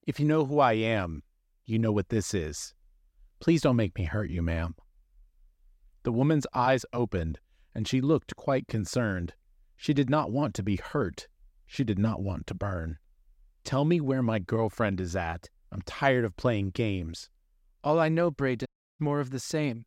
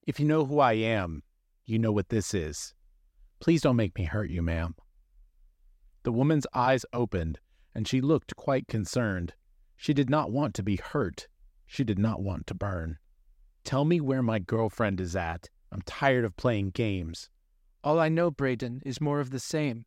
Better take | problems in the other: second | audio cutting out; at 19 s

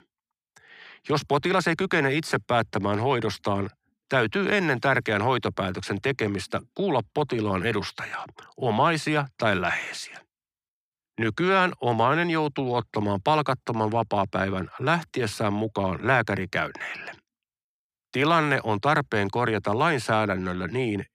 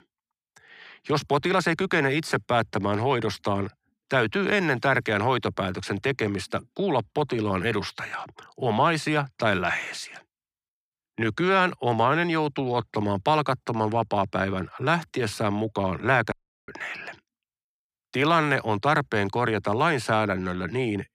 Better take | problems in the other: first | audio cutting out; at 16 s

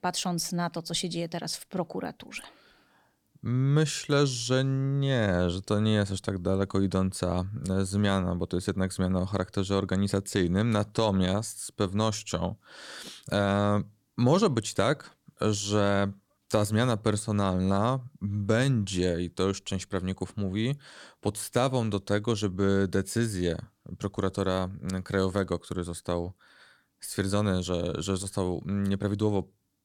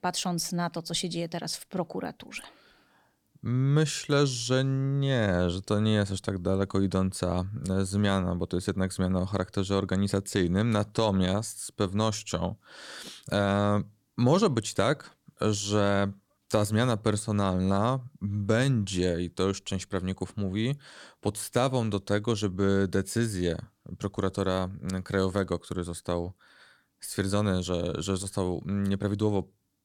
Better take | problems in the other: neither | none

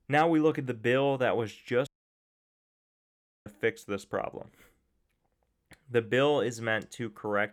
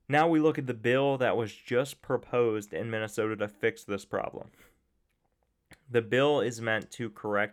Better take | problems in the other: second | audio cutting out; at 2 s for 1.5 s

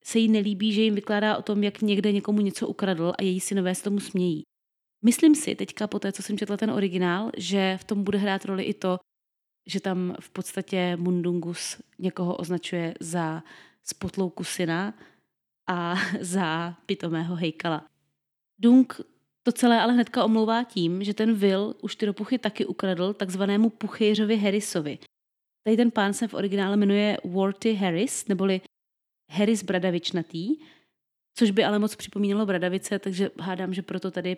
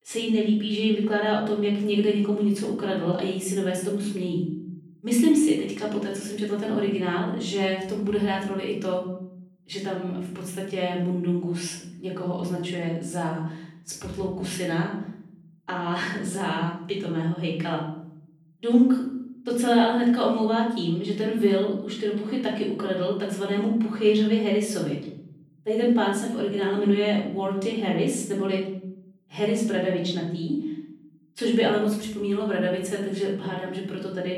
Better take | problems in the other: first | off-mic speech; far // room echo; noticeable; dies away in 0.8 s

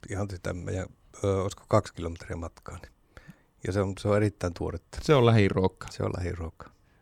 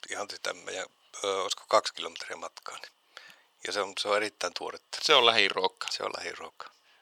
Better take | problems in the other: first | thin; very; fading below 750 Hz

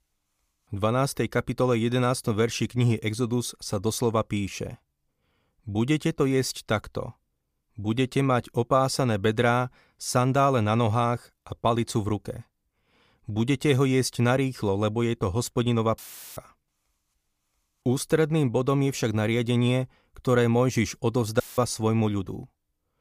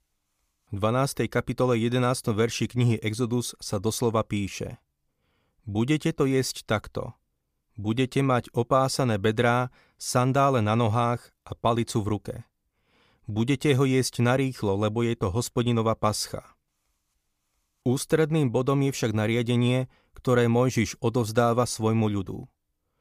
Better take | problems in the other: second | audio cutting out; filled with static; at 16 s and at 21 s

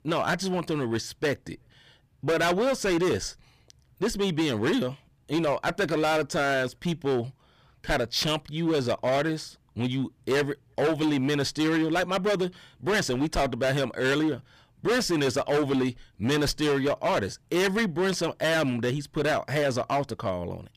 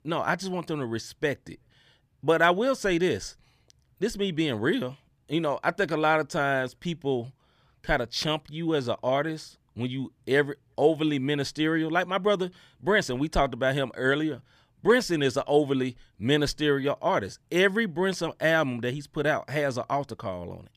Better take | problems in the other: second | distortion; heavy; 15% of the sound clipped

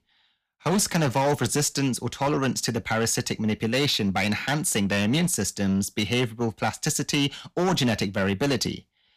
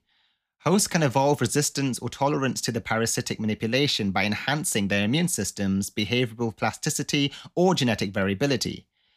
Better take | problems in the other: second | distortion; slight; 9% of the sound clipped

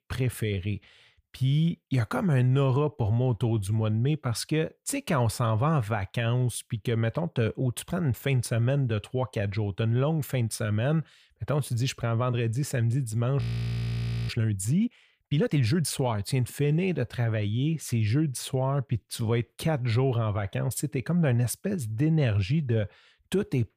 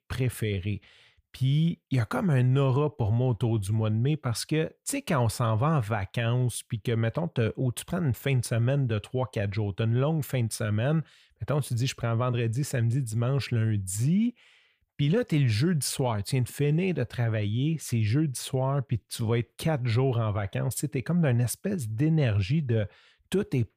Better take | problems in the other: second | audio freezing; at 13 s for 1 s

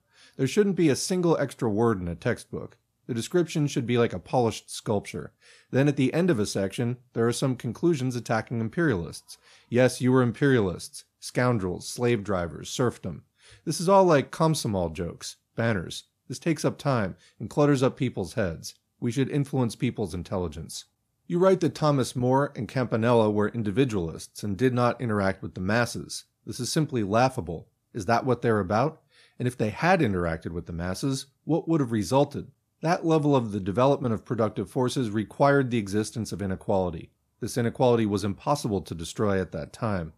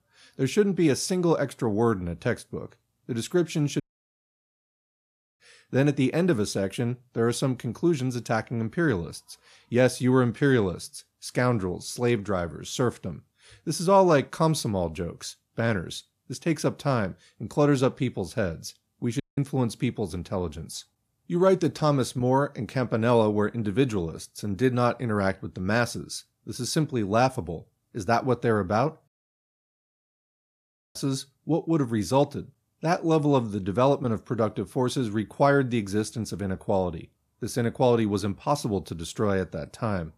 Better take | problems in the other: first | audio cutting out; at 4 s for 1.5 s, at 19 s and at 29 s for 2 s

